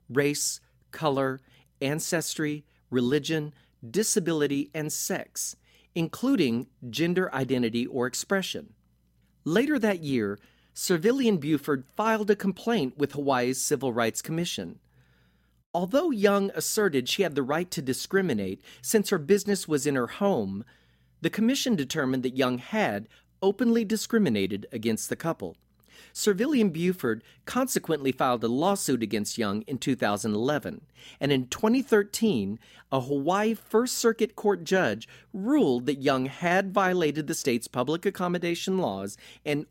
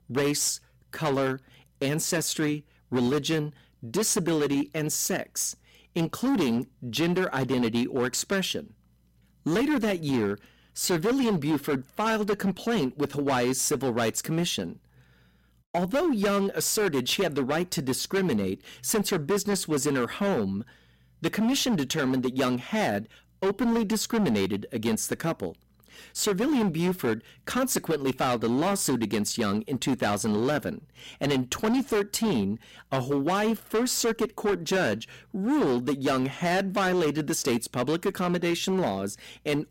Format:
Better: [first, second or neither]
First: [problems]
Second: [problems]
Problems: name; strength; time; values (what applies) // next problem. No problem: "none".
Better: first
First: none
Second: distortion; heavy; 14% of the sound clipped